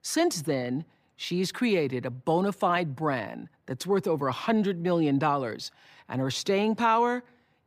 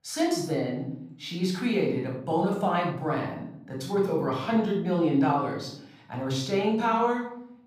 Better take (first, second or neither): first